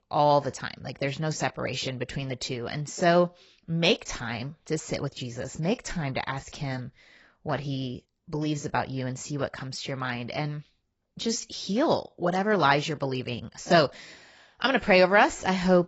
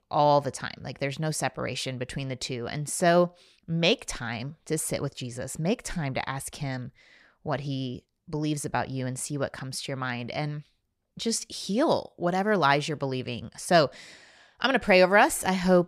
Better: second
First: garbled, watery; badly; nothing above 7.5 kHz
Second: none

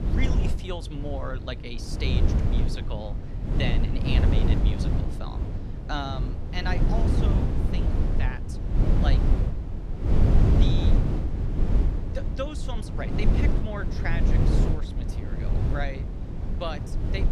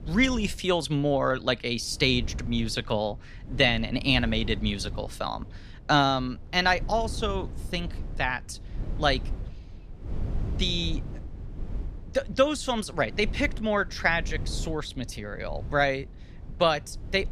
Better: second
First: low rumble; loud; throughout; 1 dB below the speech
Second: low rumble; faint; throughout; 25 dB below the speech

